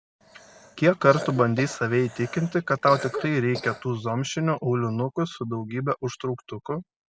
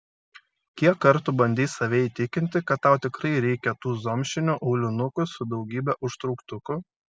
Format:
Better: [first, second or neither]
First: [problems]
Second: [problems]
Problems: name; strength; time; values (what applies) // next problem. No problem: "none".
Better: second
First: background sound (Cough); 13 dB below the speech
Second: none